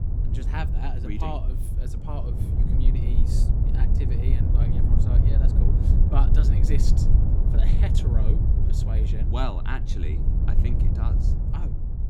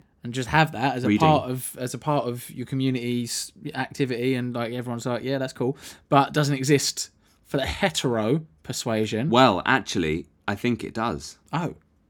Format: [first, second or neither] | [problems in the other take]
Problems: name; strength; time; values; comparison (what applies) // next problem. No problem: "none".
second | low rumble; loud; throughout; as loud as the speech